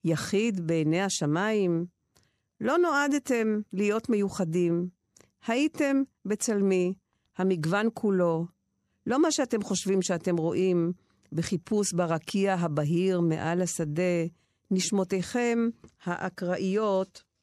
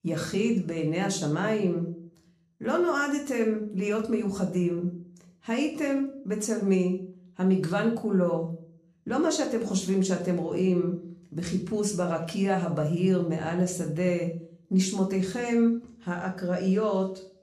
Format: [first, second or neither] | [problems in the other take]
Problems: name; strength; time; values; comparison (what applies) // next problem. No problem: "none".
first | room echo; slight; dies away in 0.4 s // off-mic speech; somewhat distant